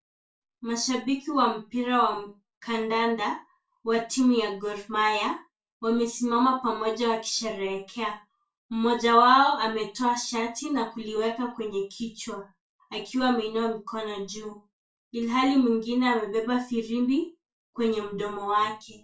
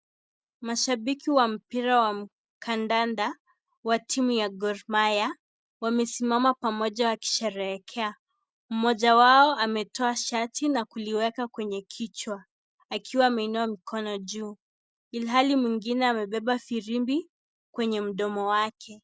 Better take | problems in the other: second | room echo; dies away in 0.2 s

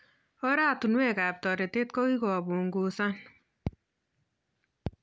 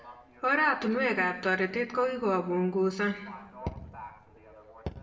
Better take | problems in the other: first | background sound (Livestock, farm animals, working animals); 20 dB below the speech // room echo; dies away in 0.7 s

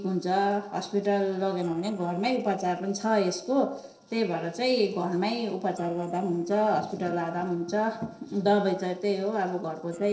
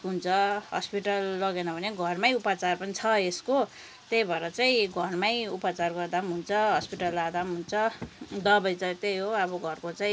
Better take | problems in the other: second | noise reduction (neural separator model SepFormer DNS4)

